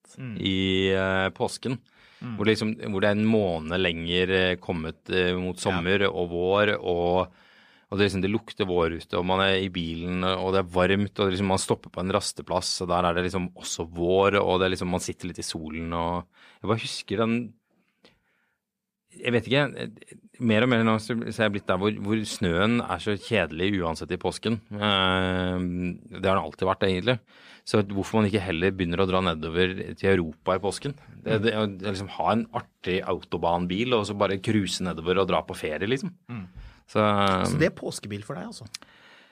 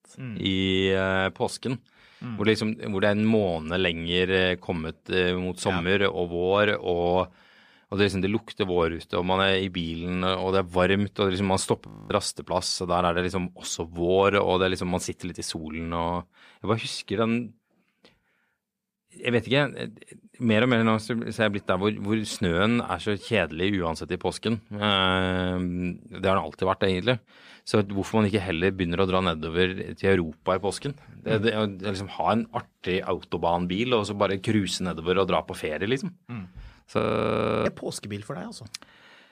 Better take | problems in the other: first | audio freezing; at 12 s and at 37 s for 0.5 s

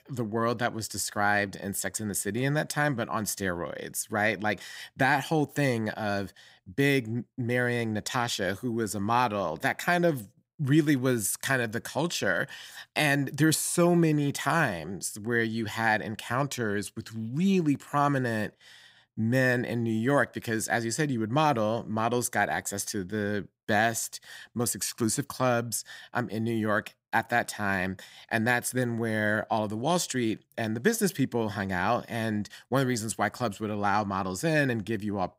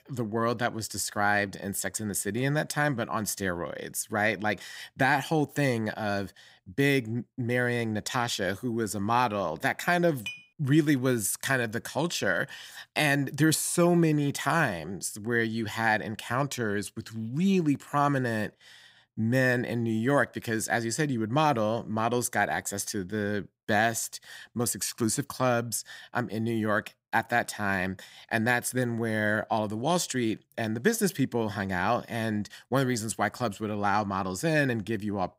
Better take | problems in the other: first | clattering dishes; faint; at 10 s; peak 10 dB below the speech

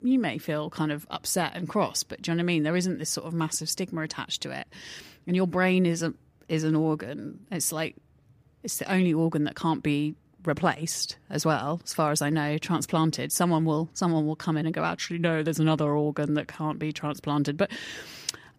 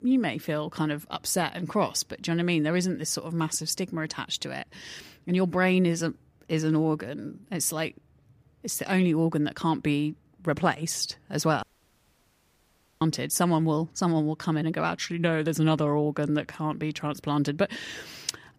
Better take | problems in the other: first | audio cutting out; at 12 s for 1.5 s

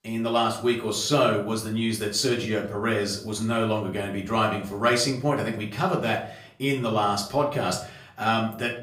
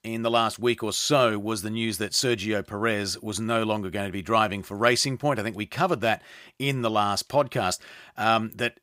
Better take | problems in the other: second | off-mic speech; far // room echo; slight; dies away in 0.4 s

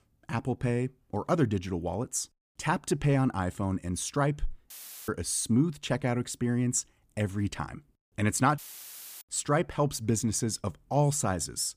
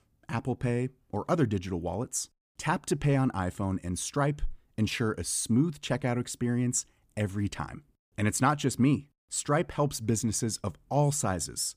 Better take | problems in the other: second | audio cutting out; filled with static; at 4.5 s and at 8.5 s for 0.5 s

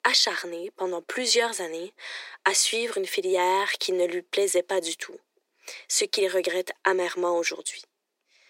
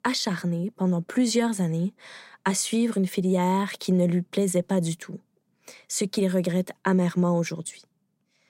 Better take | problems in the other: second | thin; very; fading below 350 Hz

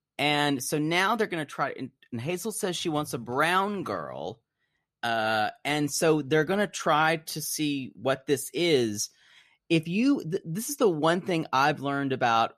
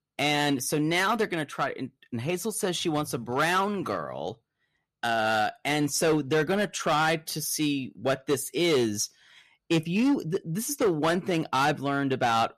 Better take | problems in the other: first | distortion; slight; 6% of the sound clipped

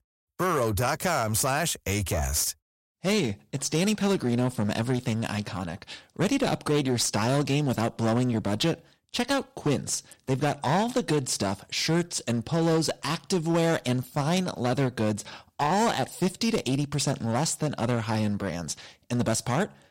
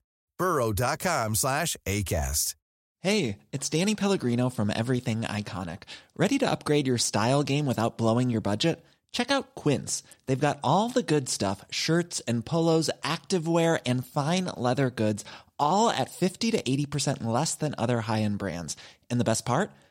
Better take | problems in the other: second | distortion; slight; 9% of the sound clipped

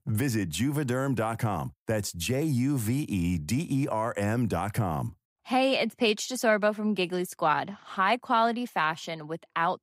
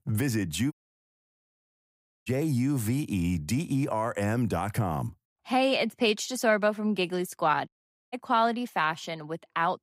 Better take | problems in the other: first | audio cutting out; at 0.5 s for 1.5 s and at 7.5 s

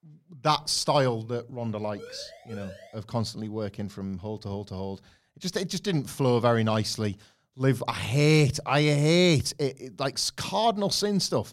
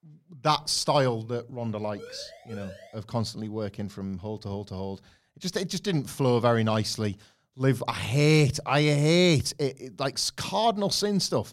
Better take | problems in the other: neither | siren; faint; from 2 to 3 s; peak 20 dB below the speech; the same in both

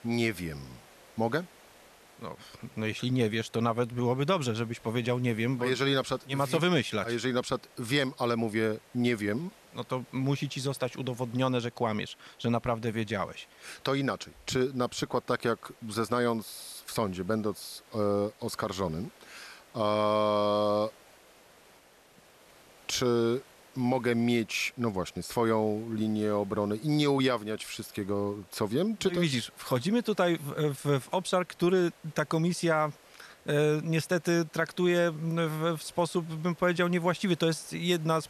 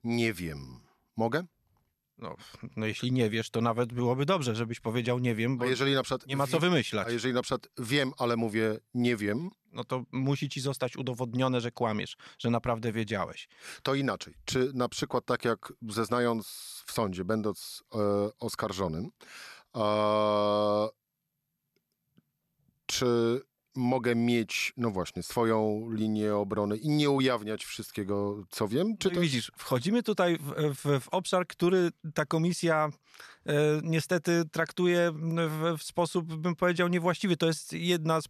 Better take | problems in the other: second | hiss; faint; throughout; 25 dB below the speech

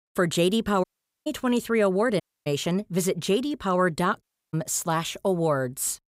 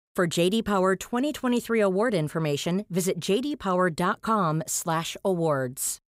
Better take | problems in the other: second | audio cutting out; at 1 s, at 2 s and at 4 s

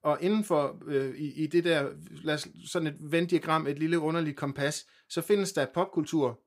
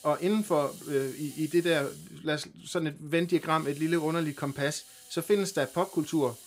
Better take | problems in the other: first | hiss; noticeable; throughout; 15 dB below the speech

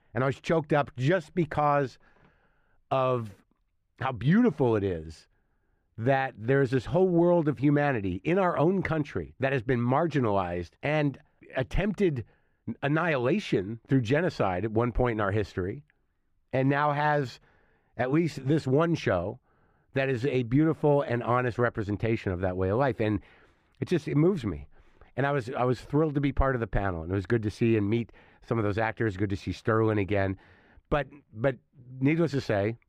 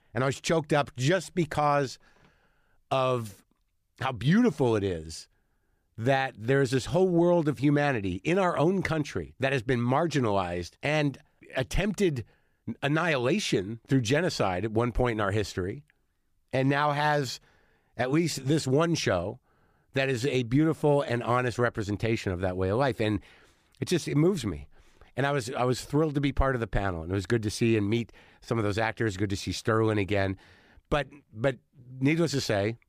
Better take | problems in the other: second | muffled; slightly; fading above 3.5 kHz

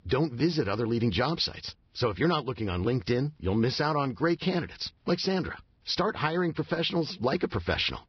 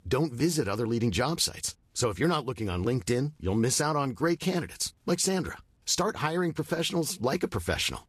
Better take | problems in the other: second | garbled, watery; badly; nothing above 5.5 kHz; slightly in the second

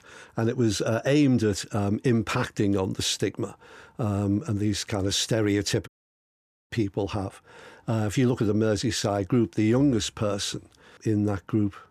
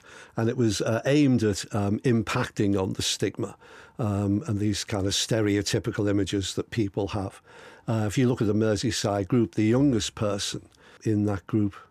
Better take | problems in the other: second | audio cutting out; at 6 s for 1 s

